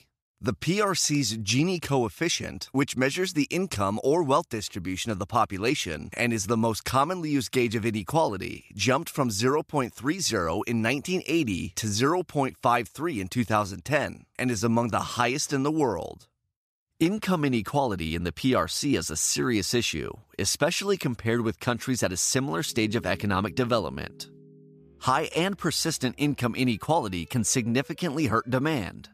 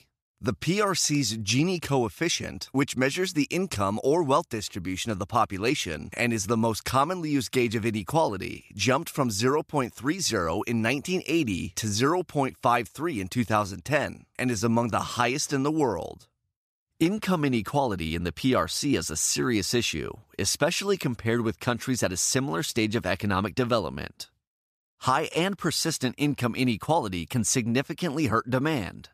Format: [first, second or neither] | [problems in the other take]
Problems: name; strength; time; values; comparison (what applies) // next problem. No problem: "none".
second | background music; faint; from 23 s on; 25 dB below the speech